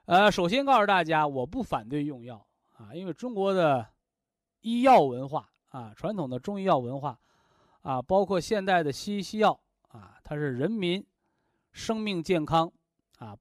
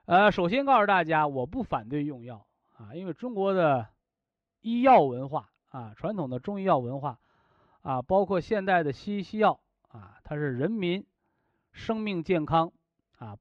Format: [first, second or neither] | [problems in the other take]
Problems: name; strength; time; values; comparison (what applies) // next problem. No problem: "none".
first | muffled; slightly; fading above 2.5 kHz